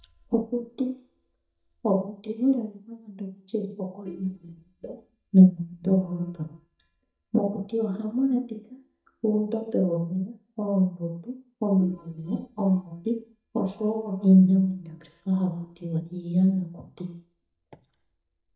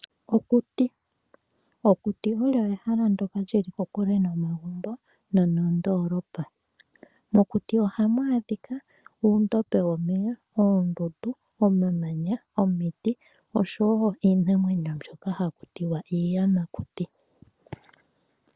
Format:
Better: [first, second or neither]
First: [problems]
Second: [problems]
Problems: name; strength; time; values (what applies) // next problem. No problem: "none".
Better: second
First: noise reduction (neural mask model DeepFilterNet 3)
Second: none